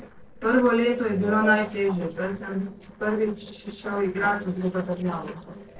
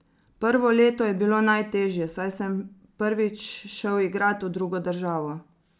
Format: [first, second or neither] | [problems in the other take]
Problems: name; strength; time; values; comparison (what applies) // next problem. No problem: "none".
second | noise reduction (neural separator model SepFormer DNS4)